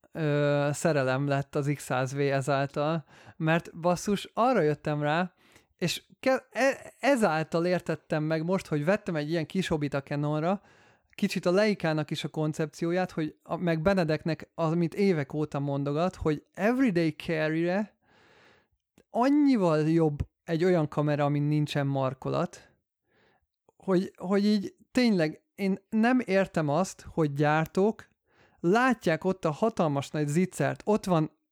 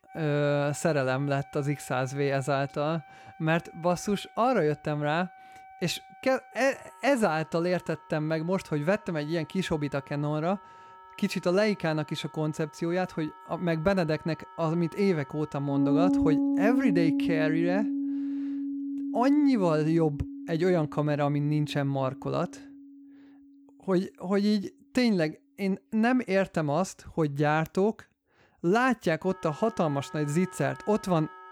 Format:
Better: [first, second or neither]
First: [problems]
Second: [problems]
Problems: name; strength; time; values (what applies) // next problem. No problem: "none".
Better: first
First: none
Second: background music; loud; throughout; 4 dB below the speech